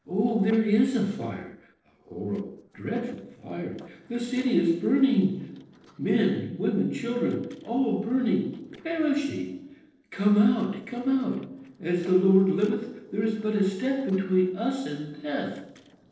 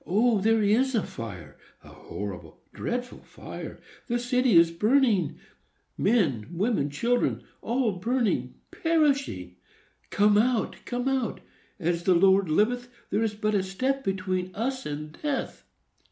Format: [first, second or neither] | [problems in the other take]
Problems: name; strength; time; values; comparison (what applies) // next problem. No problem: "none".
second | noise reduction (neural separator model SepFormer DNS4)